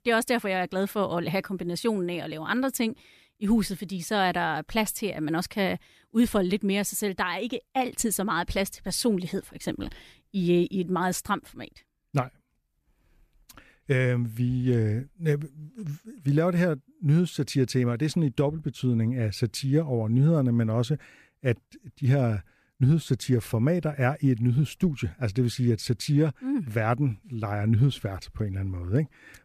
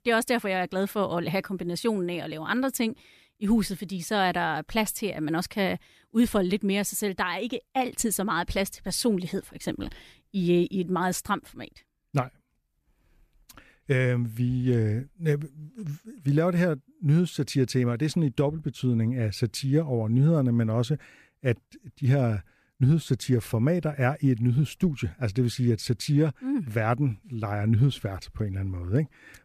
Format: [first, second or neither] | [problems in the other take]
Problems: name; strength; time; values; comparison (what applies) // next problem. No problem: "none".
neither | none